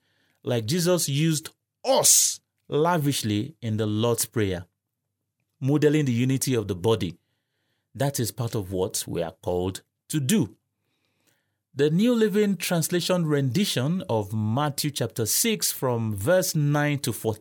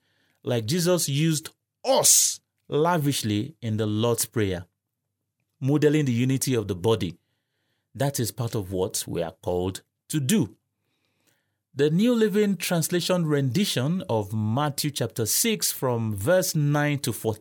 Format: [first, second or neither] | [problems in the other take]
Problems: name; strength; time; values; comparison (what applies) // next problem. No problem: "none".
neither | none